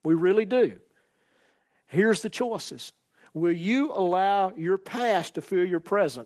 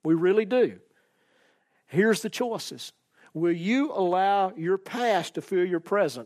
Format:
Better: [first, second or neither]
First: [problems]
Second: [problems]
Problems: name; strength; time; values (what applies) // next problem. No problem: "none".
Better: second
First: garbled, watery; slightly; nothing above 12 kHz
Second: none